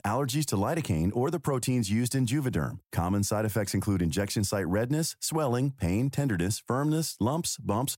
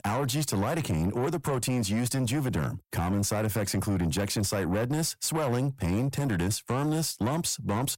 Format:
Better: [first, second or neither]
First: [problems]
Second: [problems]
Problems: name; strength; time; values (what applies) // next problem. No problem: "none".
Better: first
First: none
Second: distortion; slight; 10 dB below the speech